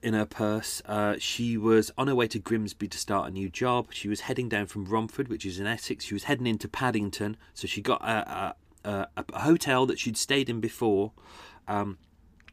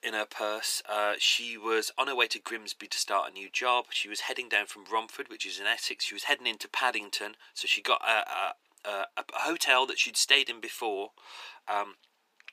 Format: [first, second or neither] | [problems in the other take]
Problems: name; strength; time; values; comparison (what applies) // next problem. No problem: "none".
first | thin; very; fading below 550 Hz